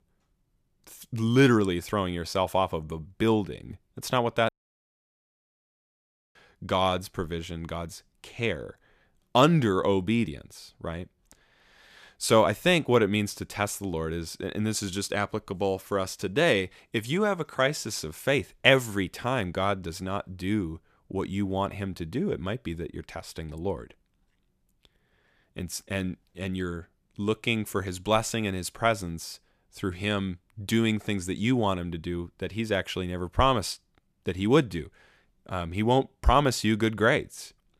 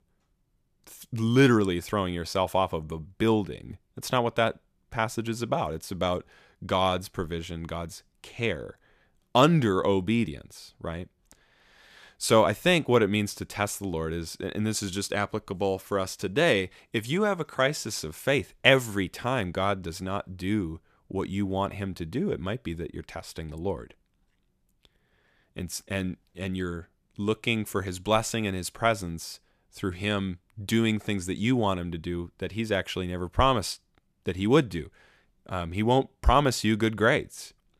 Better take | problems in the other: second | audio cutting out; at 4.5 s for 2 s

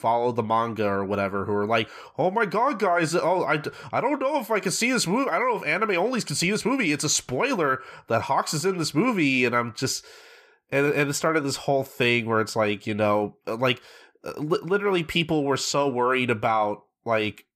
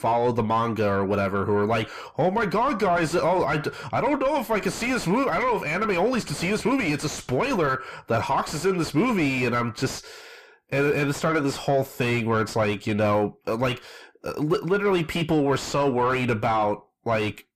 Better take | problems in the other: first | distortion; heavy; 7 dB below the speech

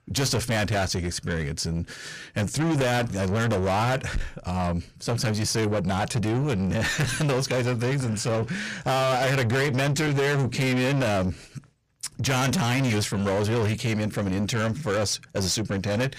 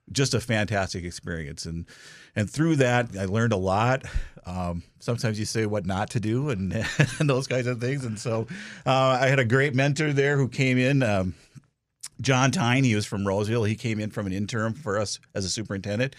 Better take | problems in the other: second | distortion; heavy; 6 dB below the speech

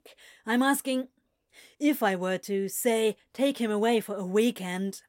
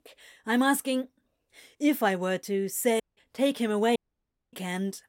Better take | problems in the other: first | audio cutting out; at 3 s and at 4 s for 0.5 s

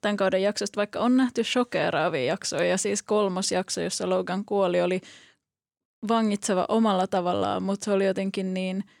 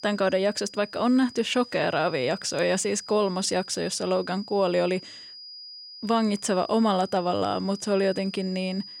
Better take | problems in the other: first | high-pitched whine; noticeable; throughout; 5 kHz, 15 dB below the speech

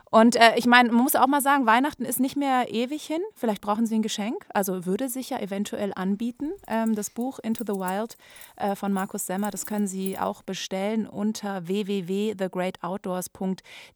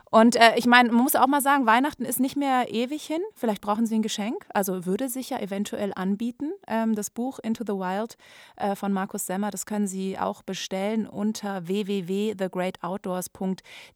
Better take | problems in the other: second | jangling keys; faint; from 6.5 to 10 s; peak 15 dB below the speech

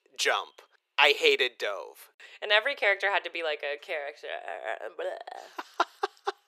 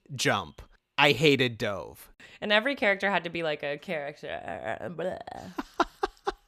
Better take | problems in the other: second | thin; very; fading below 400 Hz

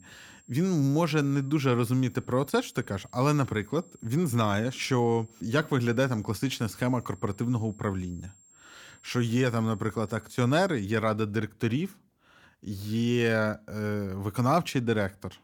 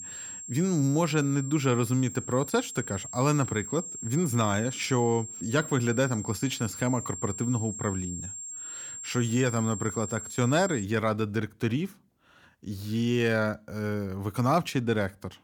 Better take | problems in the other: first | high-pitched whine; loud; until 11 s; 7.5 kHz, 9 dB below the speech; faint in the first

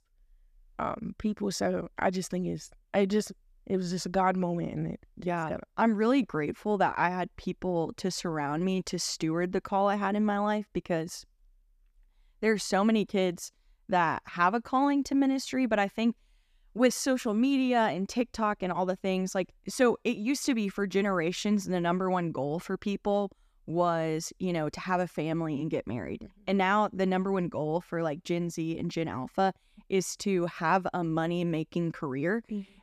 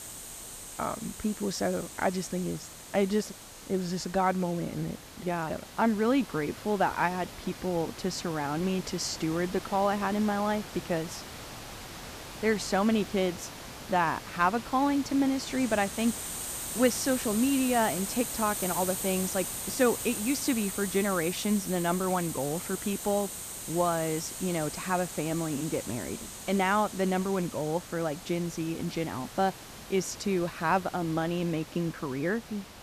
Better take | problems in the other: first | hiss; loud; throughout; 8 dB below the speech

